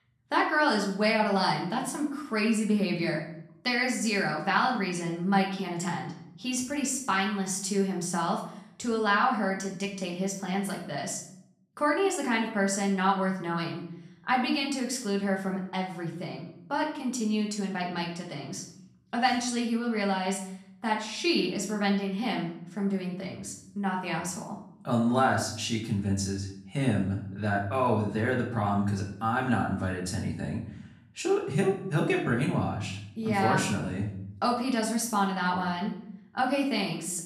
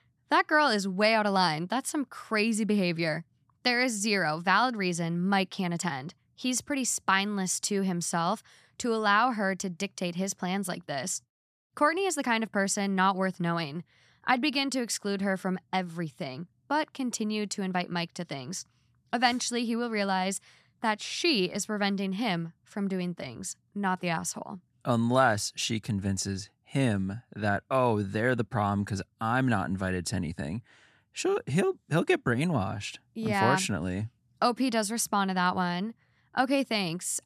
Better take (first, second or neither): second